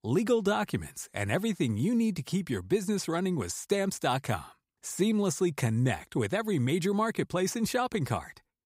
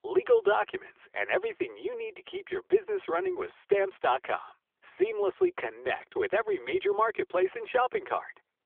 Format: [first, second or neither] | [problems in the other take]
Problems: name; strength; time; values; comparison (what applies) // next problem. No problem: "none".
first | phone-call audio; nothing above 3.5 kHz